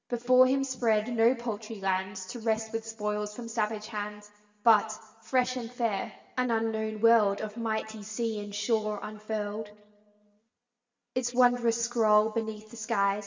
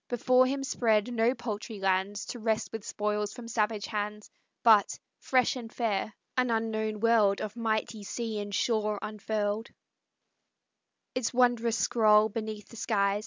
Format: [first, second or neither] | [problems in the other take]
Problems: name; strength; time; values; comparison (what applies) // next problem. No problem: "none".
second | room echo; dies away in 1.6 s